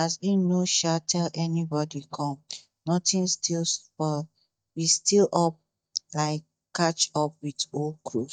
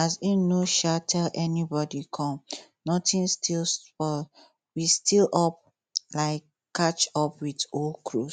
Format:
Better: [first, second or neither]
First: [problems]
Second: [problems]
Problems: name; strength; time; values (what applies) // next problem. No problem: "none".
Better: second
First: noise reduction (neural mask model DeepFilterNet 3)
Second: none